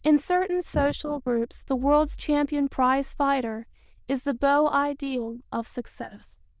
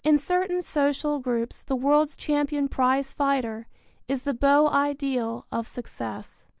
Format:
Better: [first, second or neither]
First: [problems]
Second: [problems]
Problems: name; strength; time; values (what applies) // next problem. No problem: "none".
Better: second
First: noise reduction (neural diffusion model UNIVERSE++)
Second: none